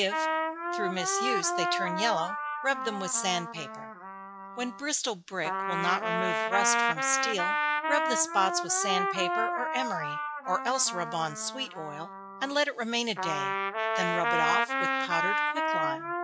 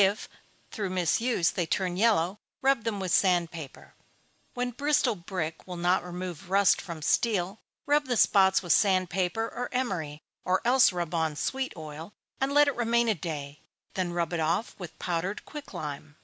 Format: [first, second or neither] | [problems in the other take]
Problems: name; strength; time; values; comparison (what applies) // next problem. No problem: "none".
second | noise reduction (classical method log-MMSE)